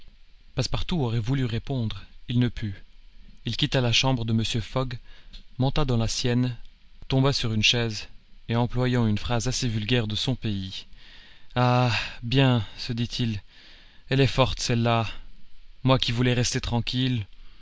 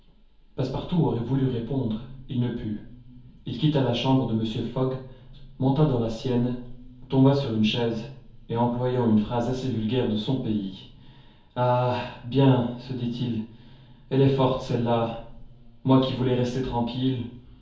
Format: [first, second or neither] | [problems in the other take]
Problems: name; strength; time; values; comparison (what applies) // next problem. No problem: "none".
first | room echo; dies away in 0.6 s